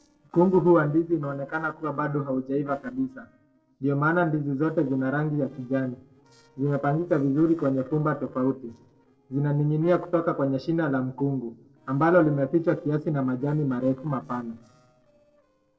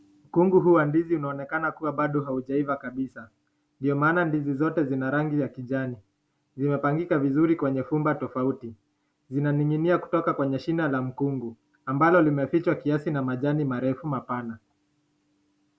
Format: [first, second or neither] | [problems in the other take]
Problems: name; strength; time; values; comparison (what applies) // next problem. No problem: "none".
second | noise reduction (neural separator model SepFormer DNS4)